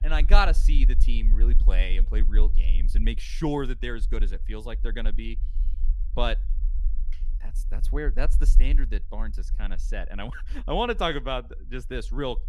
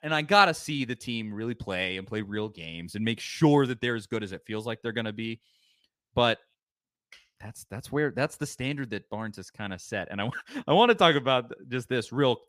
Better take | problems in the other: second | low rumble; faint; throughout; 20 dB below the speech

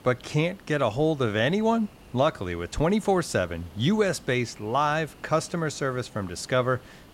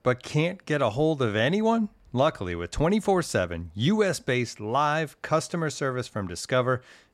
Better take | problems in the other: second | hiss; faint; throughout; 25 dB below the speech

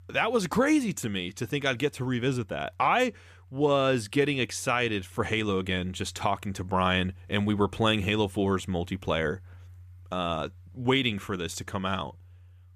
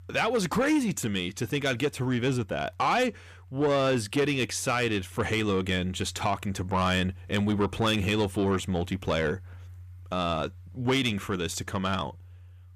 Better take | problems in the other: first | distortion; slight; 10 dB below the speech

